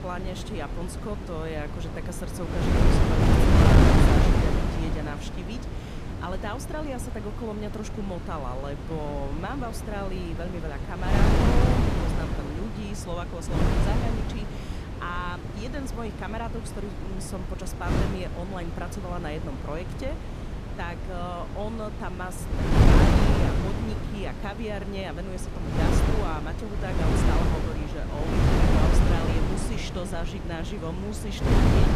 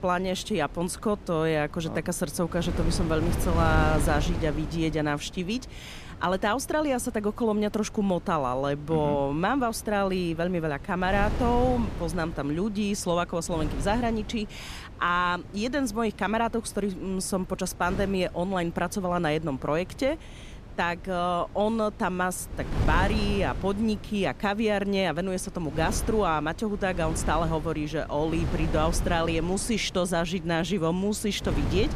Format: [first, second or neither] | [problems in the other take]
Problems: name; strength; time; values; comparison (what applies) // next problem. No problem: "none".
second | wind noise on the microphone; heavy; 3 dB above the speech; occasional gusts in the second